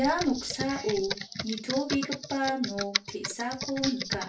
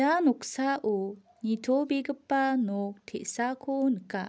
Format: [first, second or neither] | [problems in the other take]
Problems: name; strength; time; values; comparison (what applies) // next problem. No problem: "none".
second | background sound (Computer keyboard); 5 dB below the speech // room echo; dies away in 0.3 s